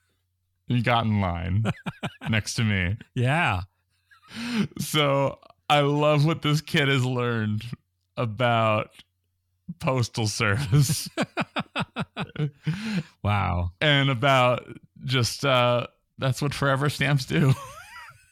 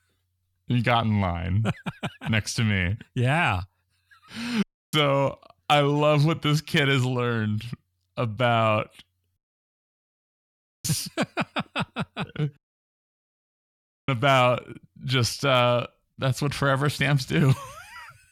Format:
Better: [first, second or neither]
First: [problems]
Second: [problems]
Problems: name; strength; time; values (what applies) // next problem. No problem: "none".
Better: first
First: none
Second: audio cutting out; at 4.5 s, at 9.5 s for 1.5 s and at 13 s for 1.5 s